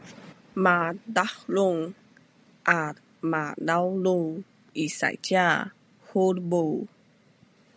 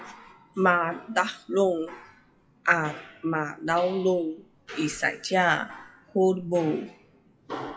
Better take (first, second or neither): first